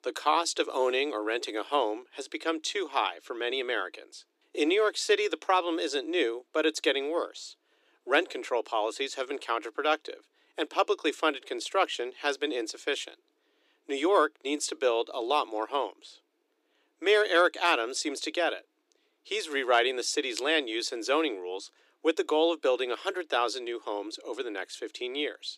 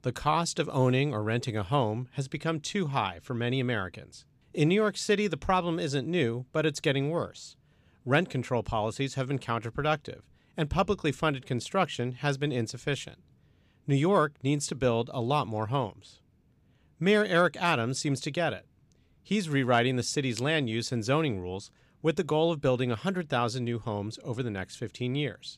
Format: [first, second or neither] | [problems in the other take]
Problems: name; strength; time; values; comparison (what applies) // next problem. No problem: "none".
second | thin; very; fading below 300 Hz